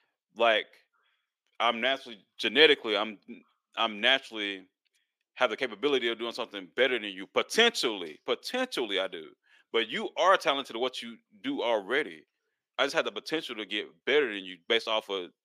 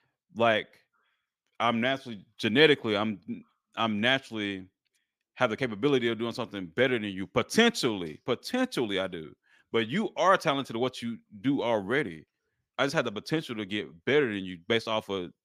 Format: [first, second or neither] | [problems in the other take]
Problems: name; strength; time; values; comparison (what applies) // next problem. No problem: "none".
second | thin; somewhat; fading below 400 Hz